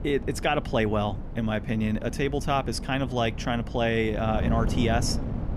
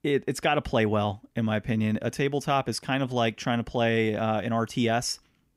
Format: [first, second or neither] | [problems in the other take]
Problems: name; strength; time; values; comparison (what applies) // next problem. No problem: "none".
second | wind noise on the microphone; occasional gusts; 15 dB below the speech